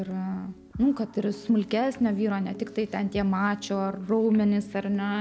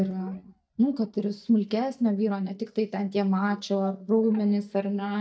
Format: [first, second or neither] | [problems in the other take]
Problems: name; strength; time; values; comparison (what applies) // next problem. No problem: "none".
first | noise reduction (neural mask model DeepFilterNet 3)